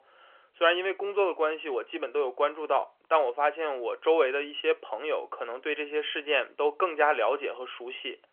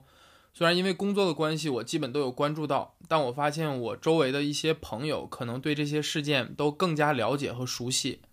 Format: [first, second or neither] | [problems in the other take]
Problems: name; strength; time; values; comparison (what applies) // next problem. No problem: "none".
second | phone-call audio; nothing above 3 kHz